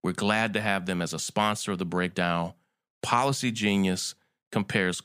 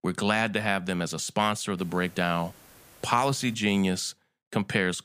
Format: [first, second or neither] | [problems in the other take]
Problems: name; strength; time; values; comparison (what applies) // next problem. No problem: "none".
first | hiss; faint; from 2 to 3.5 s; 25 dB below the speech